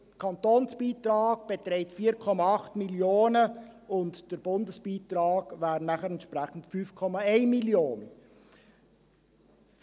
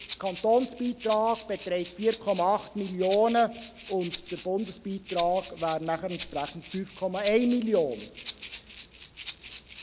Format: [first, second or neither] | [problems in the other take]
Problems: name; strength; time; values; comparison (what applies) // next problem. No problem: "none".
first | background sound (Rattle (instrument)); 16 dB below the speech